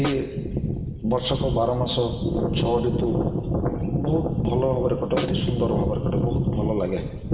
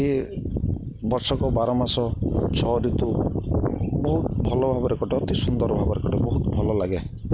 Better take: second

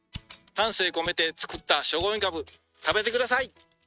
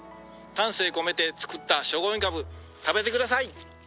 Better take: second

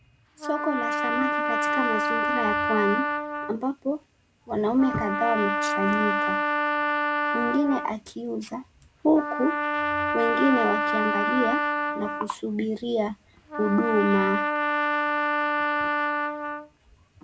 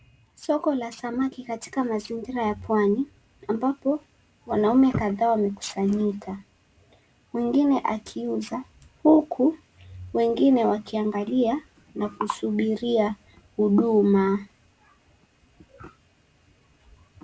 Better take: second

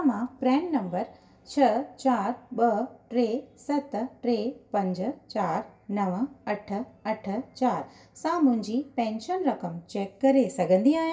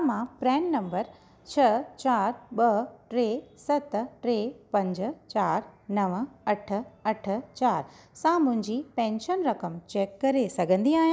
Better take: second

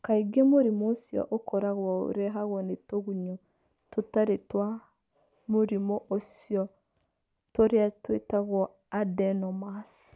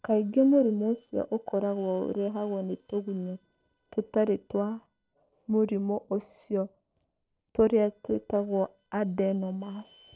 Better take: first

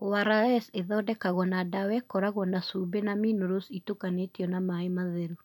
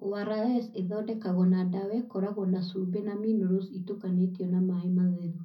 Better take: first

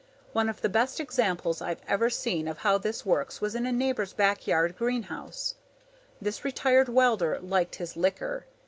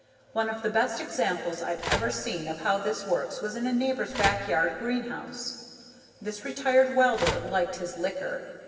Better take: first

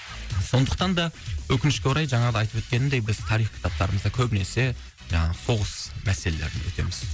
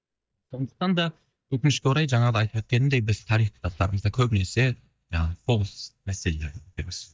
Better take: first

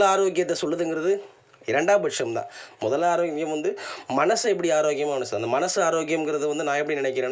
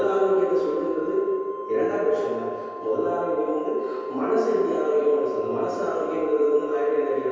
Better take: first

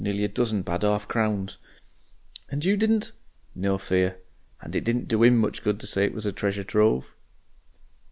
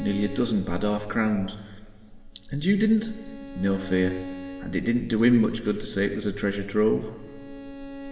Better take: first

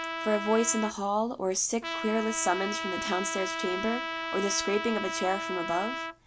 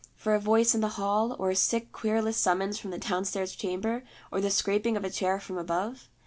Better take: second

